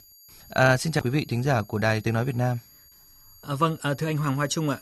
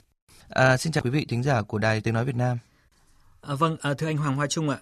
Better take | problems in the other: second | high-pitched whine; faint; throughout; 11.5 kHz, 25 dB below the speech

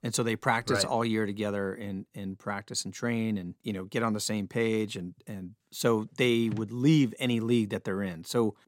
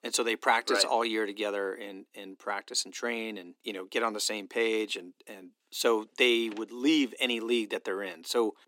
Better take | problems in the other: first | thin; somewhat; fading below 300 Hz

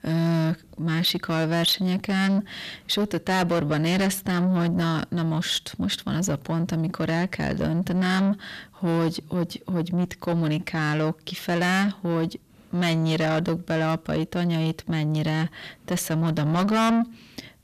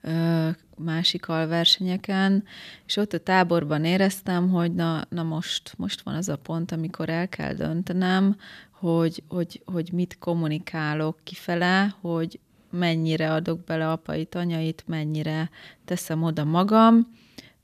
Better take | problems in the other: second | distortion; heavy; 7 dB below the speech

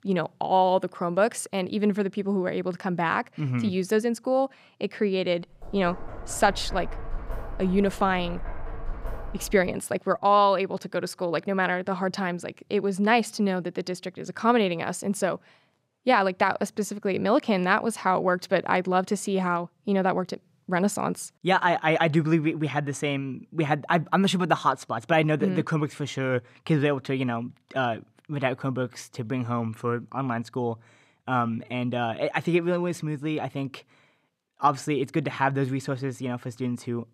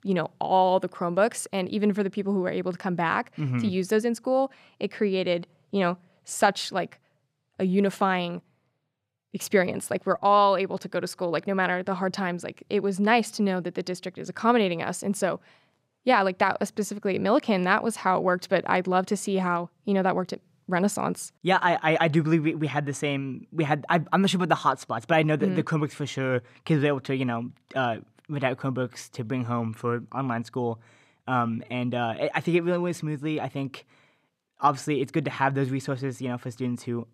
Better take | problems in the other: second | door banging; faint; from 5.5 to 9.5 s; peak 10 dB below the speech

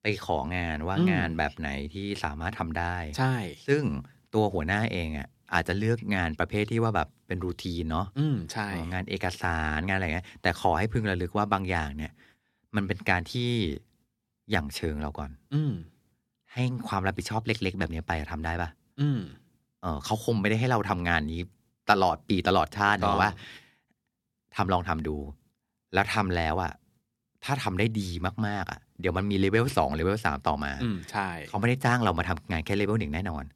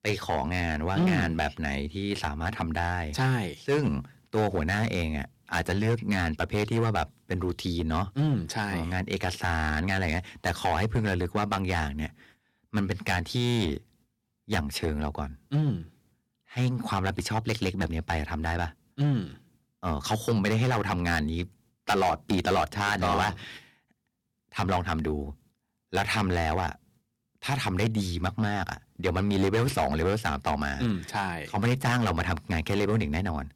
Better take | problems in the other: first | distortion; heavy; 5% of the sound clipped

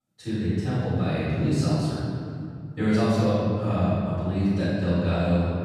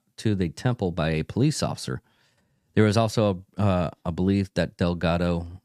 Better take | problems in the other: second | off-mic speech; far // room echo; strong; dies away in 2.6 s

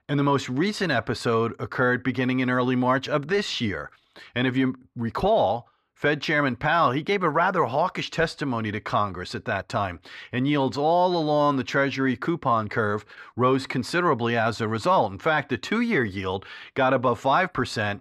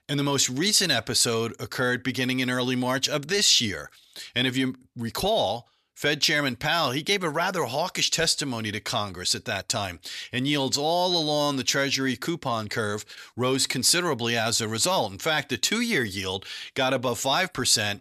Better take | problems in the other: second | muffled; very; fading above 3.5 kHz

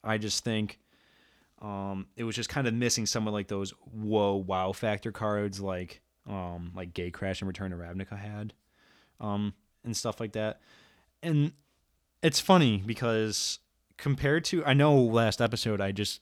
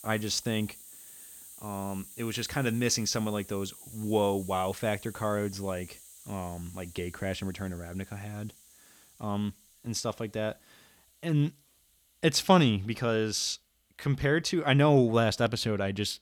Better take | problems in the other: first | hiss; noticeable; throughout; 20 dB below the speech

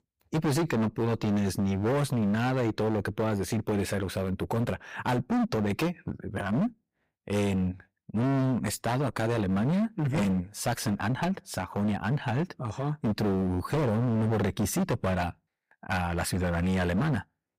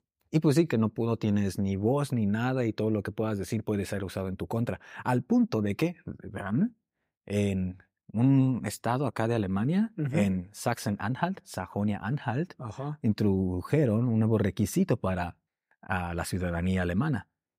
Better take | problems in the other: second | distortion; heavy; 22% of the sound clipped

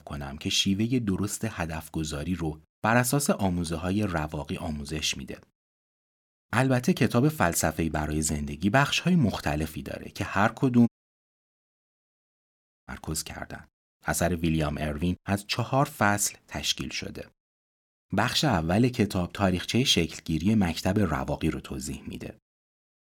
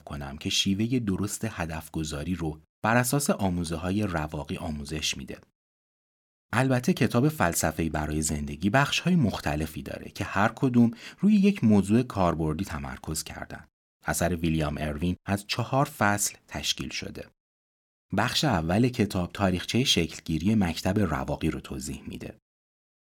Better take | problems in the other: second | audio cutting out; at 11 s for 2 s

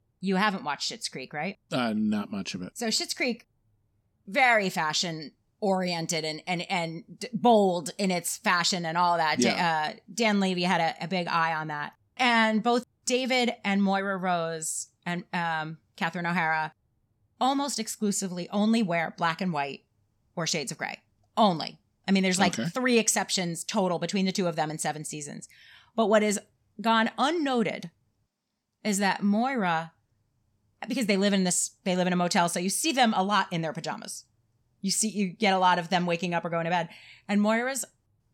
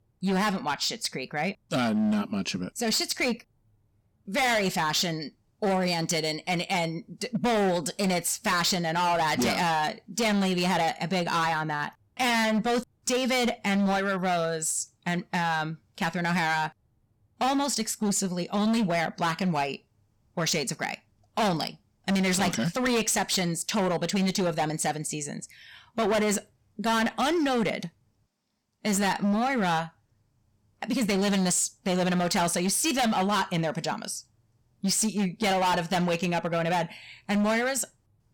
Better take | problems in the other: first | distortion; heavy; 16% of the sound clipped

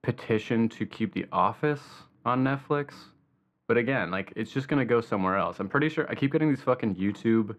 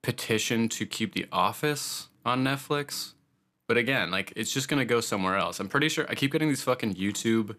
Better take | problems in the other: second | muffled; very; fading above 3.5 kHz

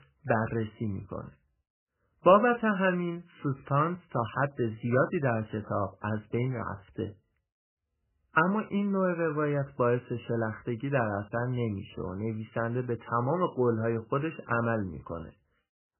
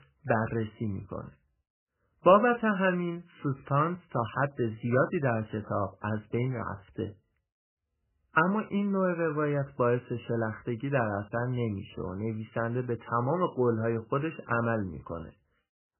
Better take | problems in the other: neither | garbled, watery; badly; nothing above 3 kHz; the same in both

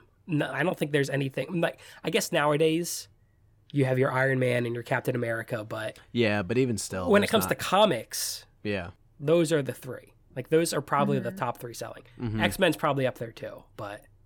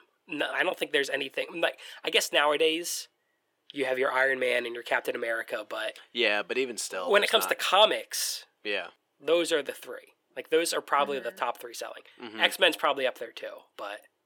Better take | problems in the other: first | thin; very; fading below 400 Hz

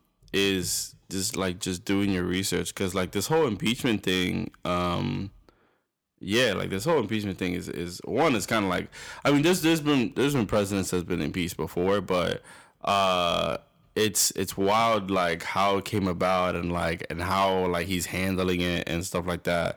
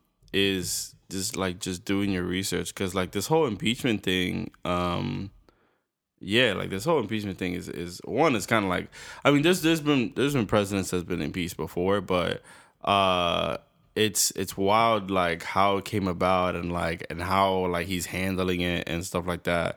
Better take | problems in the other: second | distortion; slight; 3% of the sound clipped

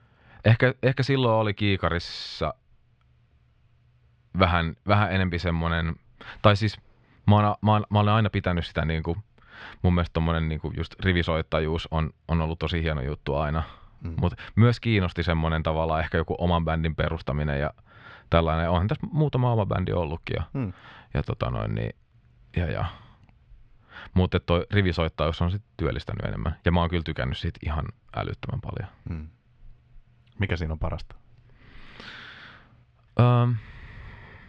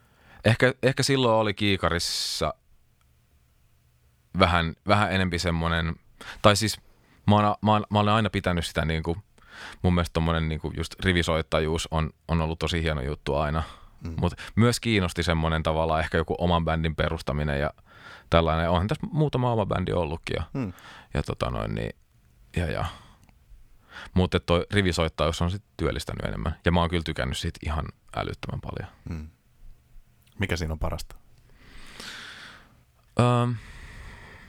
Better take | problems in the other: second | muffled; very slightly; fading above 3.5 kHz

